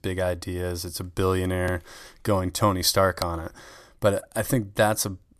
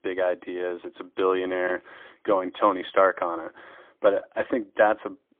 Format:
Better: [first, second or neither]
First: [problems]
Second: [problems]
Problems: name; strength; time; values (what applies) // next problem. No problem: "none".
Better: first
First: none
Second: phone-call audio; poor line; nothing above 3.5 kHz